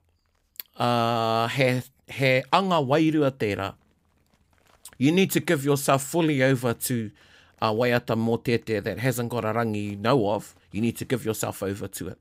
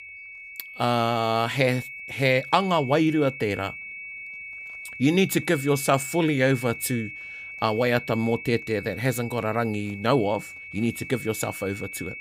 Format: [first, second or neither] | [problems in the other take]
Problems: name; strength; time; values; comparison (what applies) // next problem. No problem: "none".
first | high-pitched whine; noticeable; throughout; 2 kHz, 10 dB below the speech